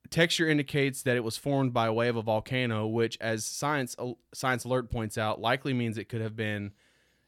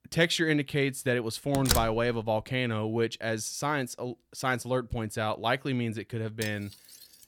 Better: first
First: none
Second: door banging; loud; at 1.5 s; peak 1 dB above the speech // clattering dishes; faint; at 6.5 s; peak 10 dB below the speech

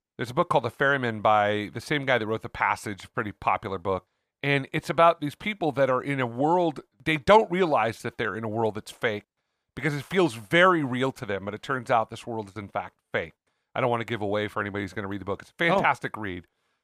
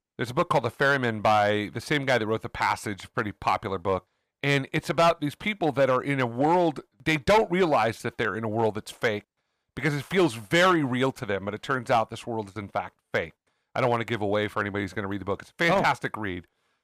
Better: first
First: none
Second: distortion; slight; 3% of the sound clipped

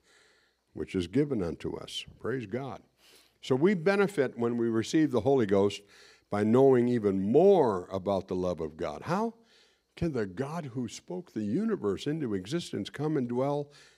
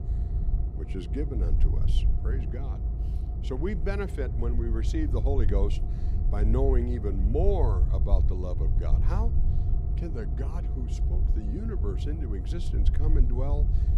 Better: first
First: none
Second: low rumble; loud; throughout; 8 dB below the speech

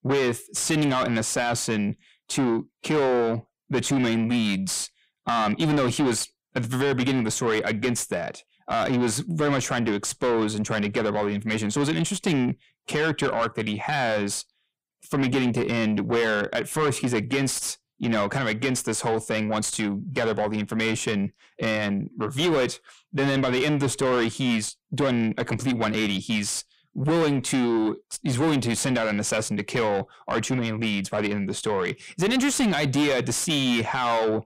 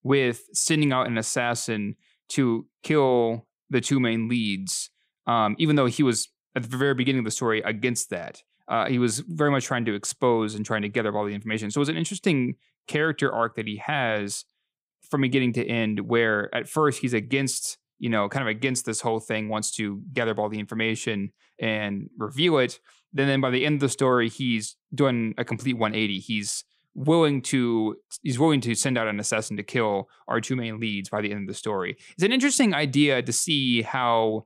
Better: second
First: distortion; heavy; 7 dB below the speech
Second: none

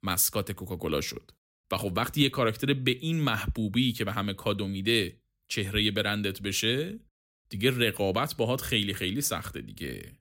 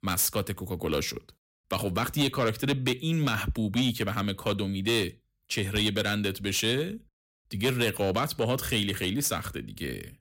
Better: first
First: none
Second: distortion; slight; 10 dB below the speech

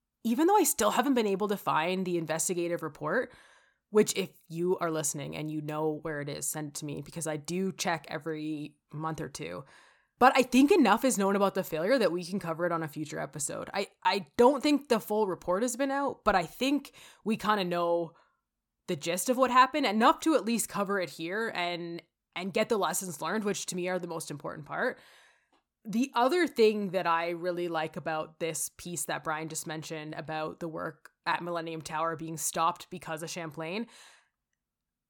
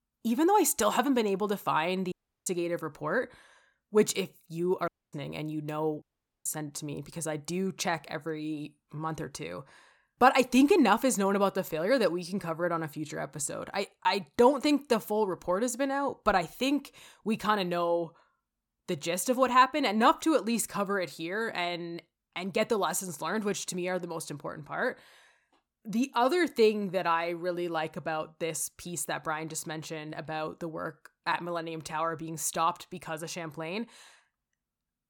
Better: first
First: none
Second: audio cutting out; at 2 s, at 5 s and at 6 s

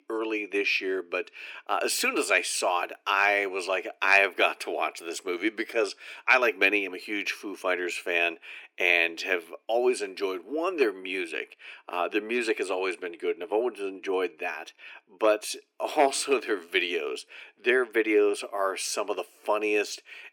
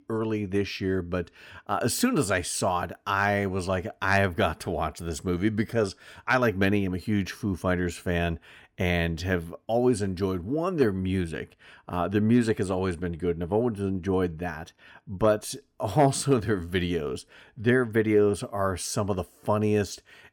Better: second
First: thin; very; fading below 350 Hz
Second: none

